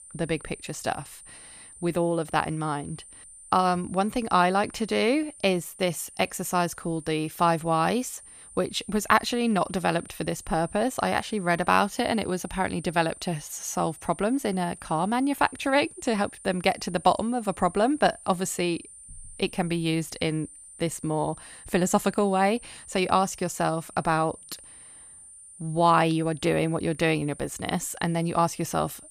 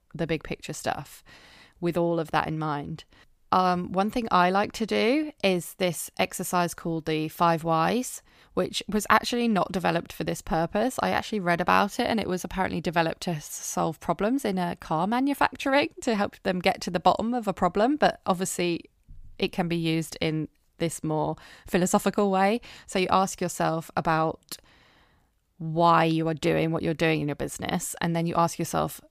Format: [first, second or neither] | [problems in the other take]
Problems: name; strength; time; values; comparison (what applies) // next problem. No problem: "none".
second | high-pitched whine; noticeable; throughout; 9 kHz, 20 dB below the speech